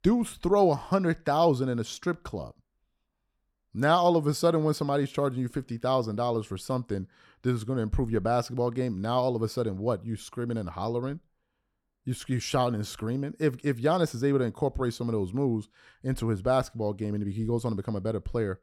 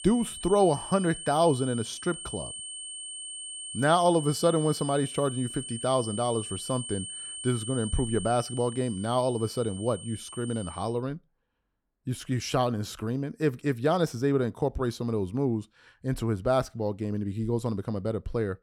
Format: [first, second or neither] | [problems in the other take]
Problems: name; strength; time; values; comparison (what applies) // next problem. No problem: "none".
first | high-pitched whine; loud; until 11 s; 8.5 kHz, 9 dB below the speech